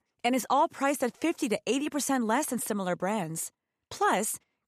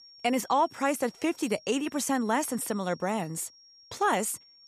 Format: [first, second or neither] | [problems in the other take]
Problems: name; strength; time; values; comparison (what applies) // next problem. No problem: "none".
first | high-pitched whine; faint; throughout; 5.5 kHz, 25 dB below the speech